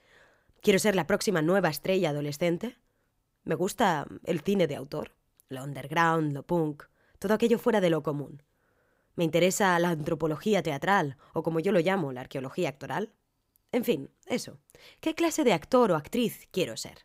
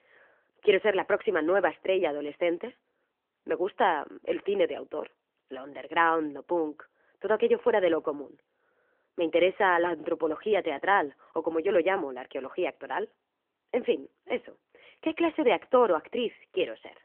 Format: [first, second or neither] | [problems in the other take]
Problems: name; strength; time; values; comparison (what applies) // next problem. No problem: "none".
first | phone-call audio; nothing above 3.5 kHz